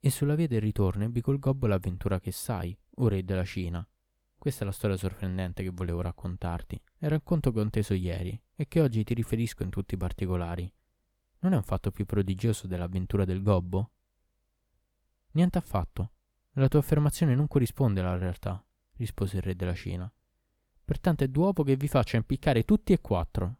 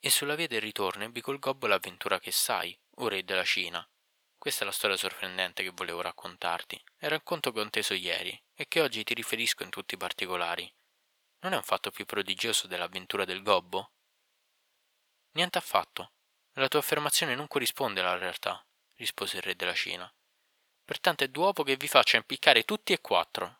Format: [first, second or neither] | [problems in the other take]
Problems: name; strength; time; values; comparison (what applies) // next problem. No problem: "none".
first | thin; very; fading below 750 Hz